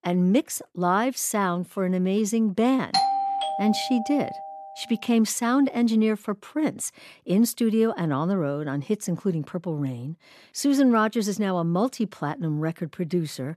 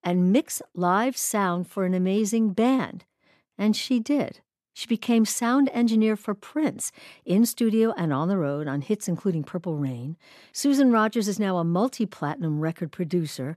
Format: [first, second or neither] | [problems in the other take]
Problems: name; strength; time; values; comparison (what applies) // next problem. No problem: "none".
second | doorbell; loud; from 3 to 4.5 s; peak 2 dB above the speech